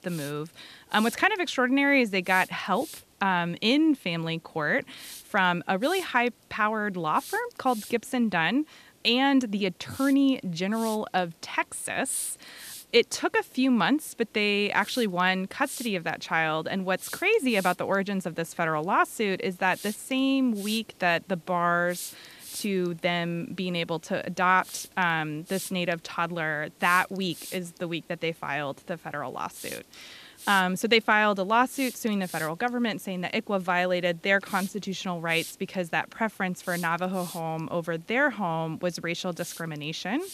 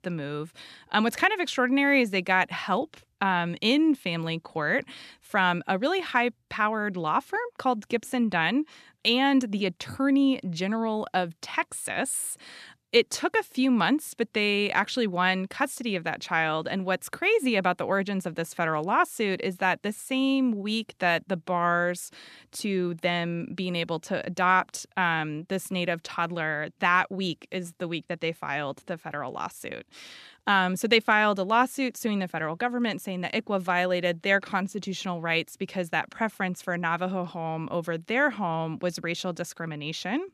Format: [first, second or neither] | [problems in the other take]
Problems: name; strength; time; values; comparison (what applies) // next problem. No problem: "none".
second | hiss; noticeable; throughout; 15 dB below the speech